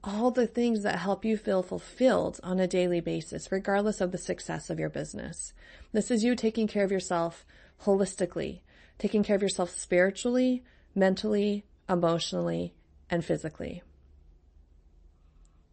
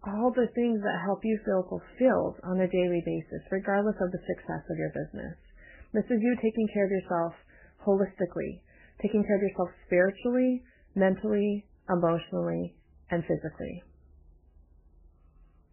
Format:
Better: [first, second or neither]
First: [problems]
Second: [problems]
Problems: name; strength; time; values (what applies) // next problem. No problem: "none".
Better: first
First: garbled, watery; slightly; nothing above 8 kHz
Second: garbled, watery; badly; nothing above 3 kHz